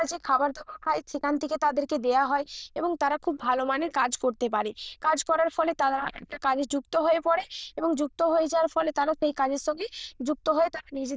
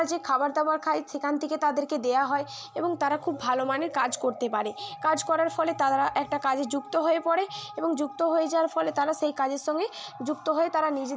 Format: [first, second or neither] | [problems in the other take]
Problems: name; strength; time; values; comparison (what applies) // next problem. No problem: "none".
second | noise reduction (neural diffusion model UNIVERSE++)